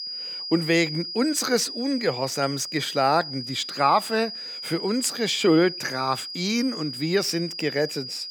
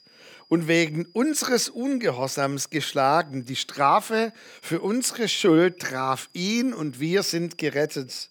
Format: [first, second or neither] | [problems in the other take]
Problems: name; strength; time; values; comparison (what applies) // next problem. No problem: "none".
second | high-pitched whine; loud; throughout; 5 kHz, 8 dB below the speech; faint in the second